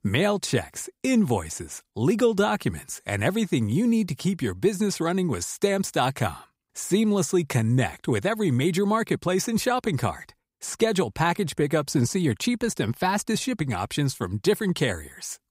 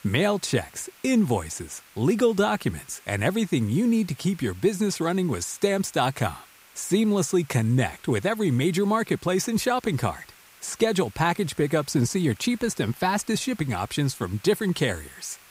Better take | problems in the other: first | hiss; faint; throughout; 25 dB below the speech

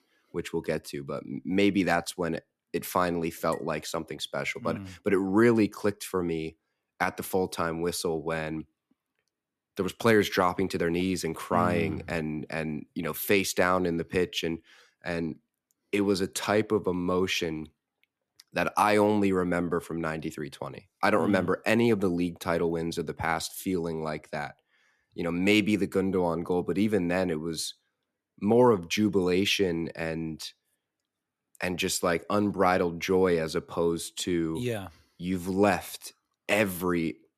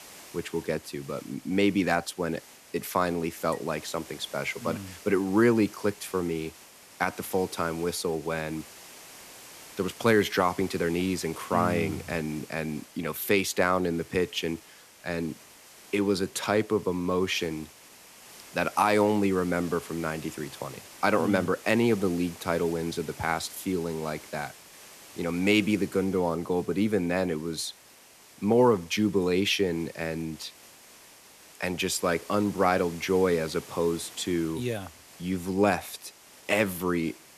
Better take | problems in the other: first | hiss; noticeable; throughout; 20 dB below the speech

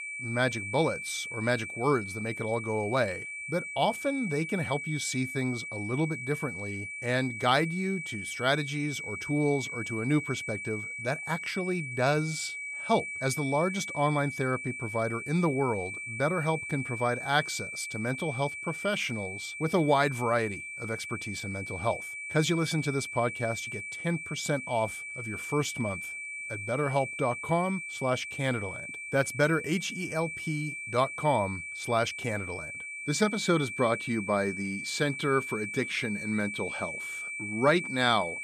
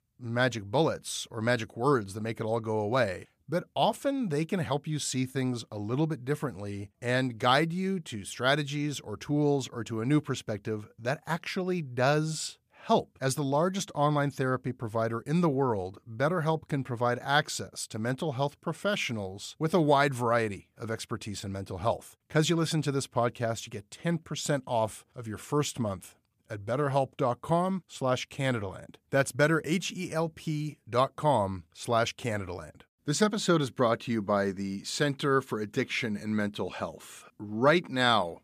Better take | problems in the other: second | high-pitched whine; loud; throughout; 2.5 kHz, 6 dB below the speech

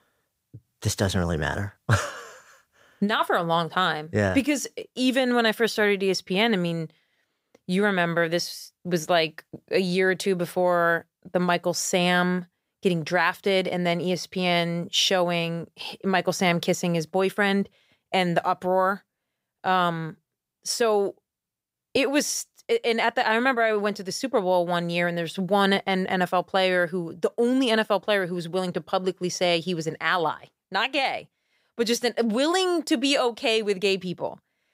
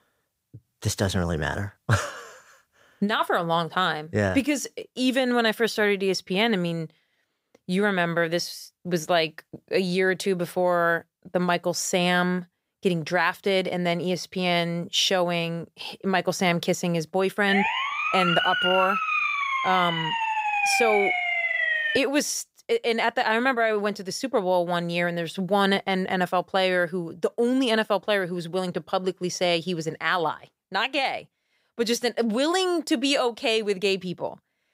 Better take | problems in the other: first | siren; loud; from 17 to 22 s; peak 3 dB above the speech

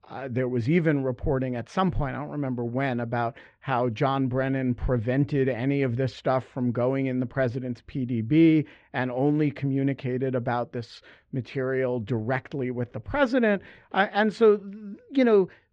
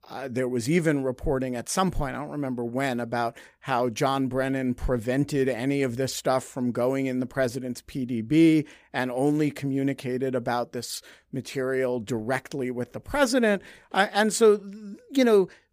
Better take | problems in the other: second | muffled; slightly; fading above 3 kHz

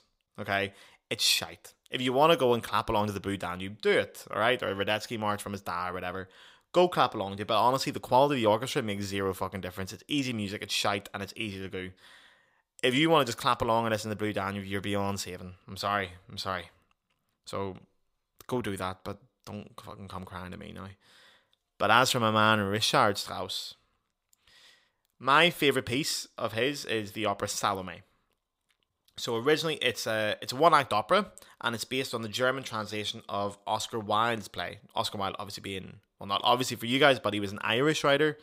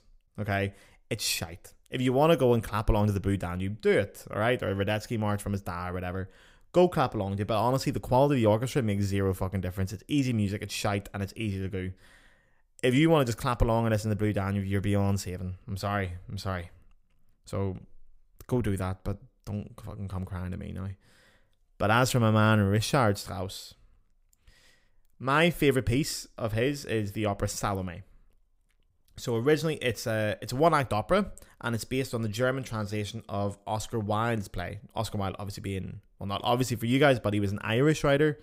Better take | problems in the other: second | thin; somewhat; fading below 650 Hz

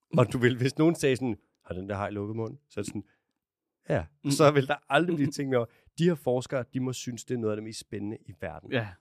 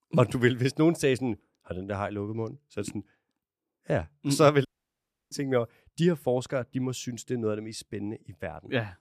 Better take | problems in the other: first | audio cutting out; at 4.5 s for 0.5 s

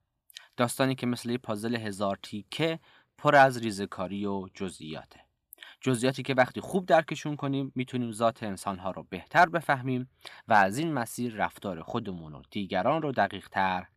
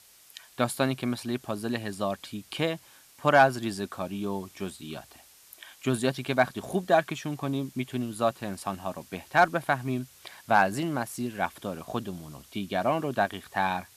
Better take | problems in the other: first | hiss; faint; throughout; 25 dB below the speech

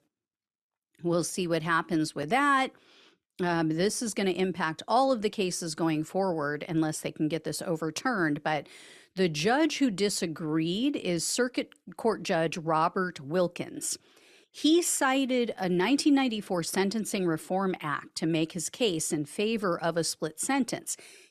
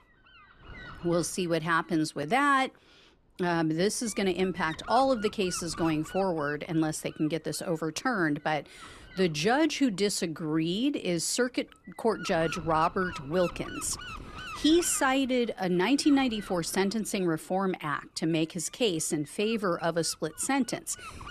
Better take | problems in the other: first | wind noise on the microphone; occasional gusts; 15 dB below the speech

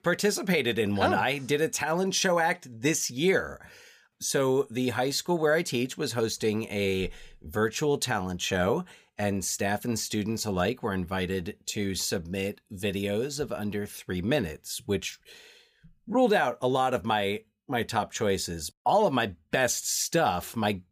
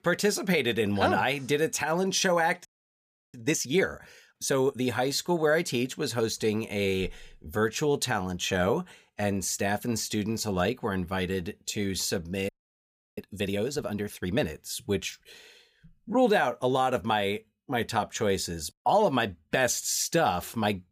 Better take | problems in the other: first | audio freezing; at 2.5 s for 0.5 s and at 12 s for 0.5 s

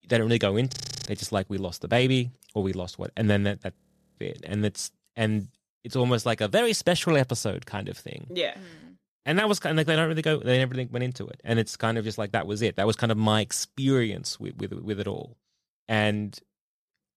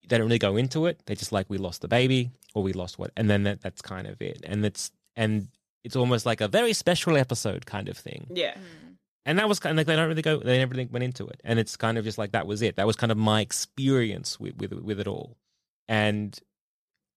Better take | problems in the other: second | audio freezing; at 0.5 s and at 4 s

